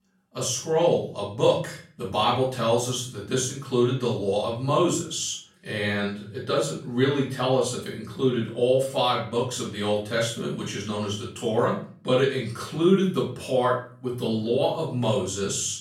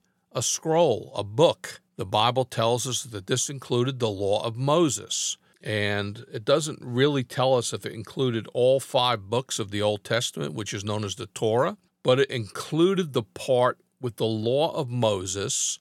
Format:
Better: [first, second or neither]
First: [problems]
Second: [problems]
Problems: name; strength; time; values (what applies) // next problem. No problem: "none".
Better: second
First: off-mic speech; far // room echo; slight; dies away in 0.4 s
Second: none